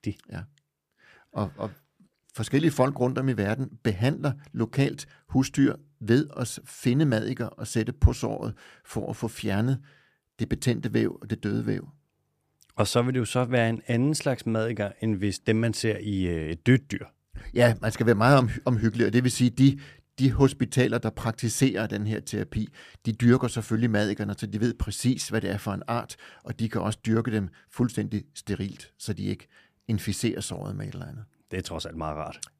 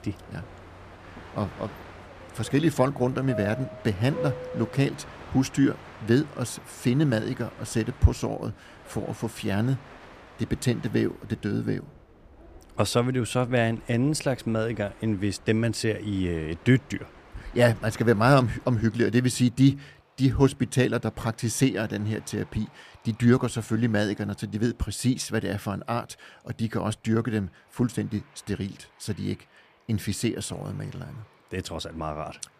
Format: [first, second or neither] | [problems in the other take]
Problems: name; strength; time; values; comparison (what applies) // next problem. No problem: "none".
first | train or aircraft noise; noticeable; throughout; 20 dB below the speech